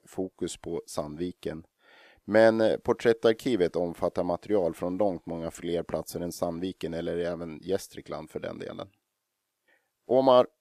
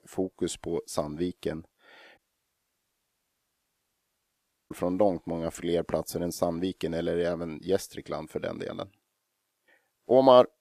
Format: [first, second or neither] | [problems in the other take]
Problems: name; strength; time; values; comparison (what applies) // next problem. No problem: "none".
first | audio cutting out; at 2 s for 2.5 s